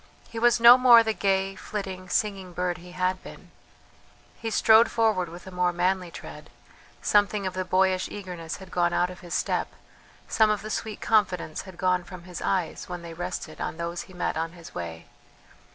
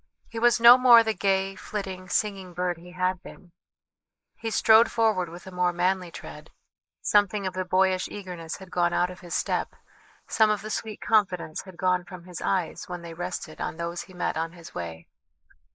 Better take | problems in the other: first | noise reduction (neural mask model Resemble Enhance denoiser)

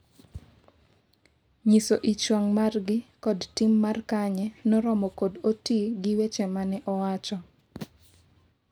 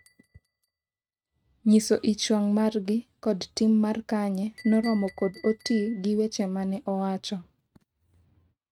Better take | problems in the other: first | noise reduction (neural mask model RNNoise)

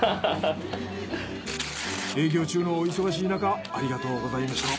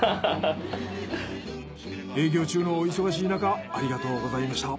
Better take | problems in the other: second | background sound (Tearing); 12 dB below the speech

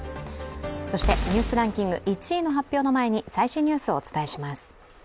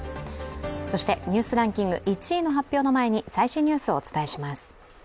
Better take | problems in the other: second | background sound (Boom); 5 dB below the speech

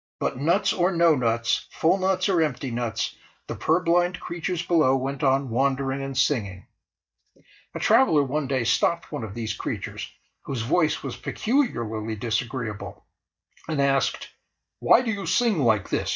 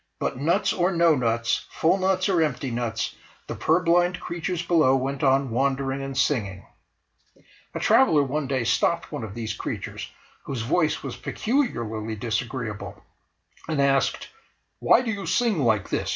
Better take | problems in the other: second | noise reduction (neural mask model DeepFilterNet 3)

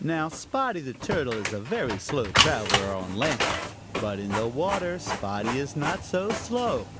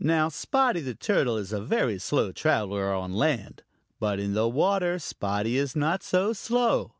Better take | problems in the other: second | background sound (Printer); 2 dB below the speech

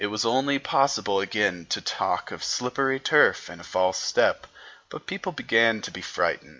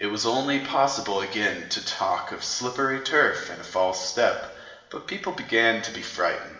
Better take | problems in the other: first | room echo; dies away in 1.1 s

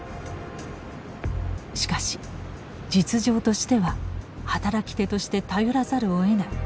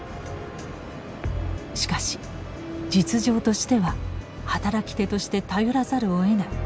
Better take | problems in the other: first | background sound (Musical instrument); 16 dB below the speech

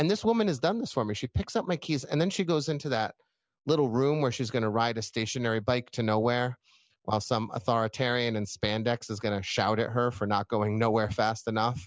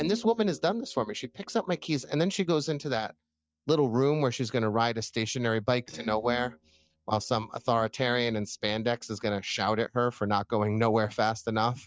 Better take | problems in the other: first | noise reduction (neural mask model DeepFilterNet 3)

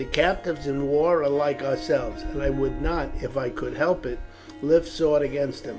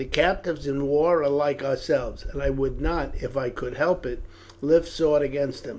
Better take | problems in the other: second | background sound (Harp); 15 dB below the speech

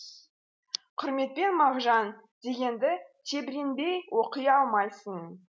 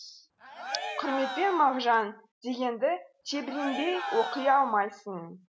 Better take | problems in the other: first | background sound (Cheering); 8 dB below the speech

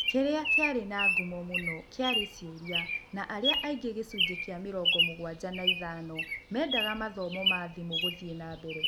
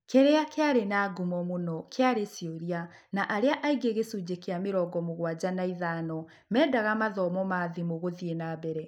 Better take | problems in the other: second | background sound (Bird vocalization, bird call, bird song); 2 dB above the speech

